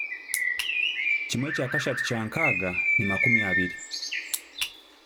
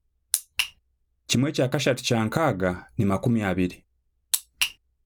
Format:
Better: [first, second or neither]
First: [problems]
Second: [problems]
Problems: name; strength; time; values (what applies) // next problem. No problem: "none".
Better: second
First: background sound (Bird); 4 dB above the speech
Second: none